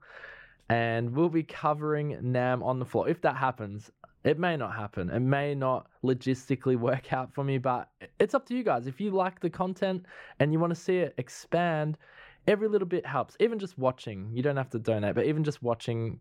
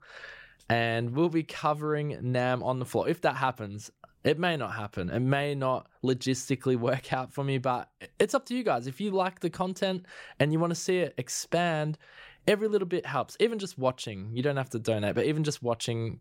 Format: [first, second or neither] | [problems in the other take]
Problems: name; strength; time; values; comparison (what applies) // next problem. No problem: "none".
second | muffled; slightly; fading above 3 kHz